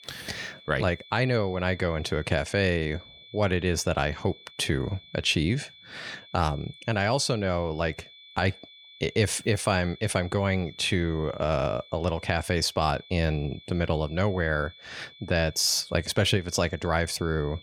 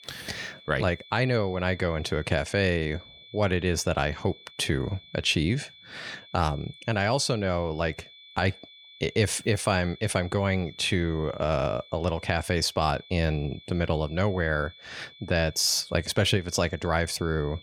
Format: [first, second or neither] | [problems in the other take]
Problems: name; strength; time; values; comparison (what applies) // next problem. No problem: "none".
neither | high-pitched whine; faint; throughout; 3.5 kHz, 20 dB below the speech; the same in both